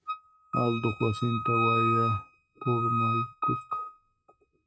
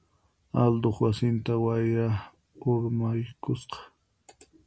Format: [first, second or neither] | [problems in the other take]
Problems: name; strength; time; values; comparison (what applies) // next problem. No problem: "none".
second | noise reduction (neural mask model RNNoise)